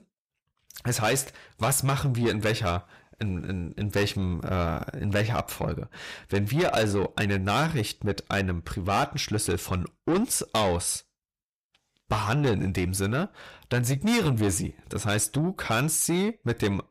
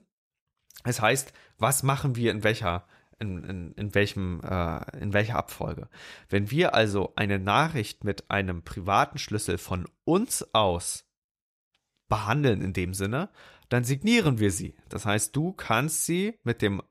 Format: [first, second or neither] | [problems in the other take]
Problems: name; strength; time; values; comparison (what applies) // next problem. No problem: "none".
second | distortion; heavy; 7 dB below the speech